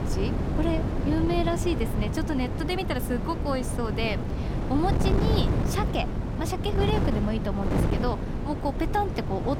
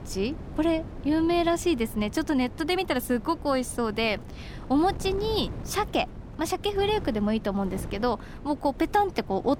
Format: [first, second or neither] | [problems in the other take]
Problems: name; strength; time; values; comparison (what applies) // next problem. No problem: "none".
second | wind noise on the microphone; heavy; 4 dB below the speech; occasional gusts in the second